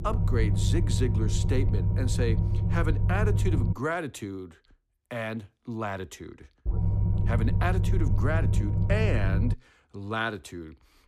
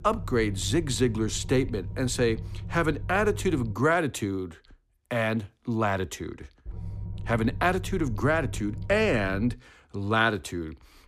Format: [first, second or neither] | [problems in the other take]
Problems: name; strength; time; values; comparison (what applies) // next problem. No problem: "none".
second | low rumble; loud; until 3.5 s and from 6.5 to 9.5 s; 7 dB below the speech; faint in the second